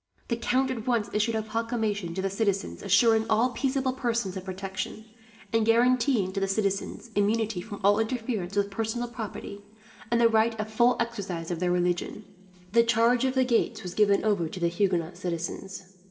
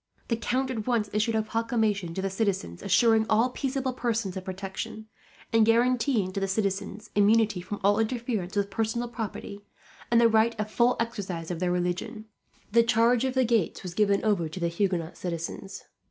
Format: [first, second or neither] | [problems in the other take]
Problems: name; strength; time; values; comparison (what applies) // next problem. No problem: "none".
second | room echo; dies away in 2.8 s